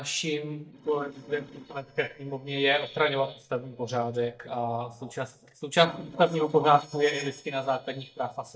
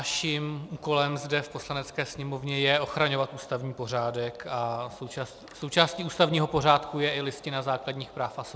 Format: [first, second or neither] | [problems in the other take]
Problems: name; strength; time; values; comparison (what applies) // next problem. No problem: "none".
second | noise reduction (neural mask model DeepFilterNet 3)